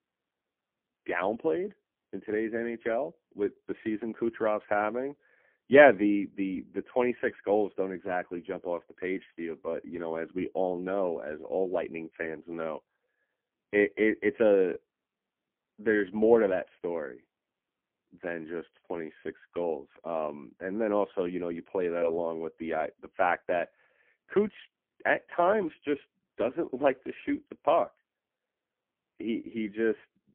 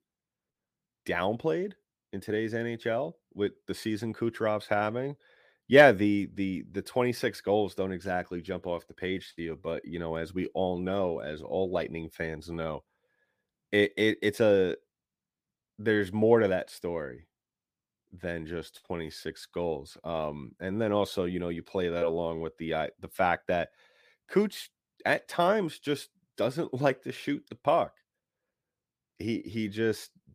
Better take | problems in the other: second | phone-call audio; poor line; nothing above 3.5 kHz

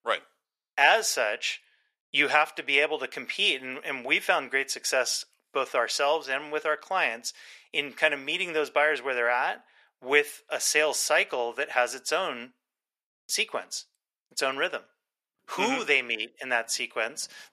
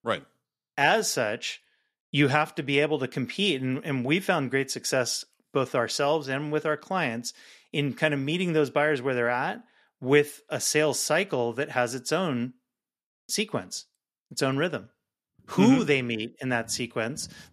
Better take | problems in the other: second | thin; very; fading below 650 Hz

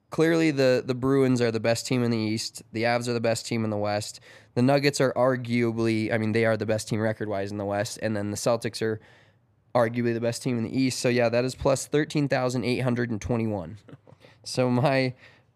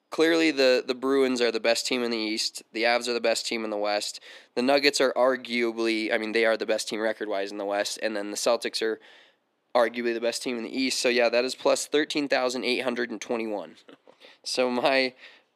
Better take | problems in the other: first | thin; very slightly; fading below 300 Hz

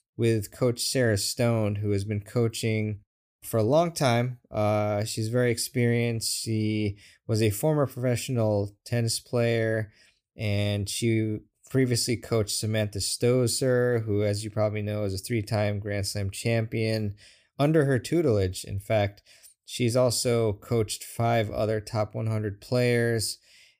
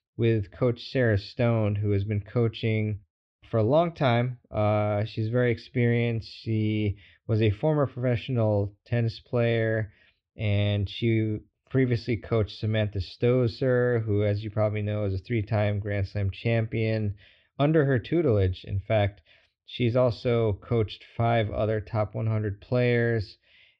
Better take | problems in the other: first | muffled; slightly; fading above 3.5 kHz

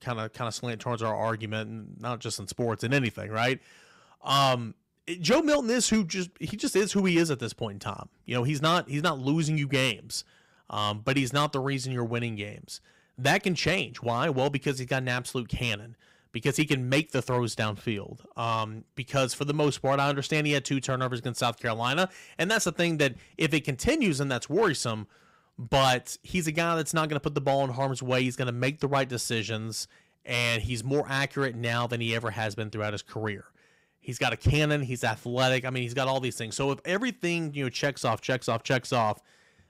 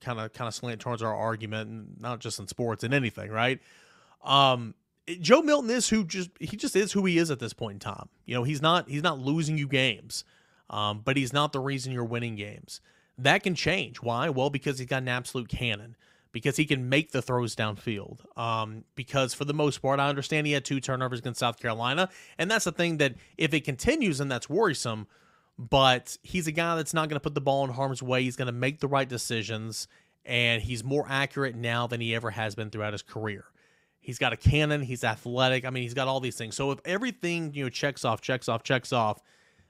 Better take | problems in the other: second | distortion; slight; 2% of the sound clipped

